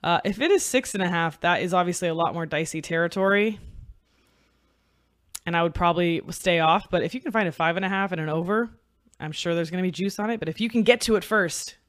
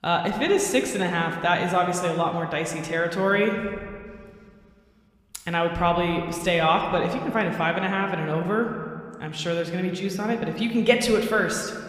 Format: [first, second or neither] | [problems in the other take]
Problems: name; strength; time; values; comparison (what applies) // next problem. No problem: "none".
first | room echo; slight; dies away in 1.7 s